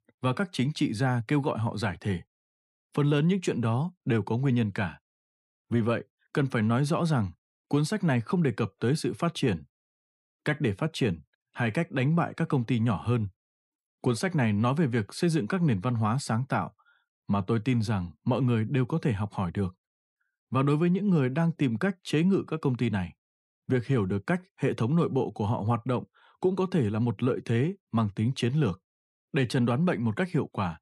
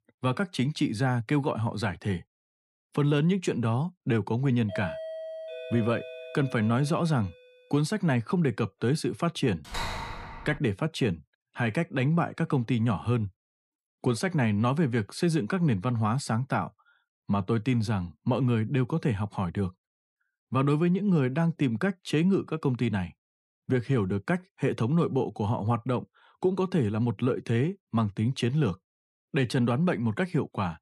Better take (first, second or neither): first